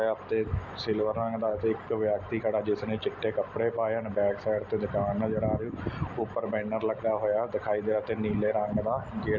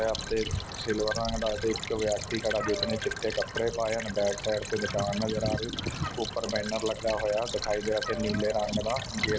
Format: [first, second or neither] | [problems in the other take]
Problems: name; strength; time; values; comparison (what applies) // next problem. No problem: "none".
first | background sound (Stream / Trickle, dribble + Meow); 7 dB below the speech